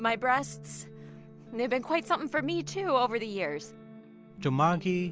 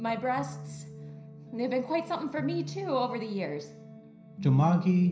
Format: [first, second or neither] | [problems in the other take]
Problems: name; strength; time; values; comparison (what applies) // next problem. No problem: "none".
first | room echo; dies away in 0.5 s